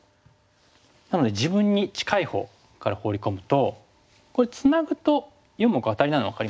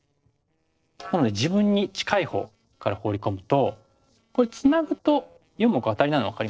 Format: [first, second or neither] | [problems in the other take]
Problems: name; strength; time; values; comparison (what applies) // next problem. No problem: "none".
first | noise reduction (neural separator model SepFormer DNS4)